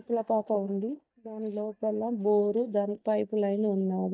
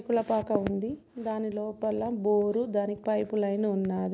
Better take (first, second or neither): second